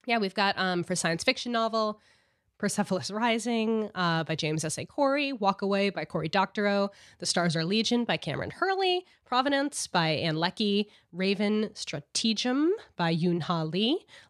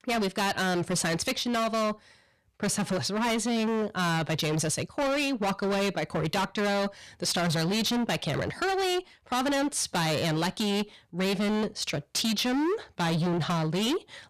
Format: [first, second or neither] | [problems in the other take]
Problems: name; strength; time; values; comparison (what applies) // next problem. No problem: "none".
first | distortion; heavy; 31% of the sound clipped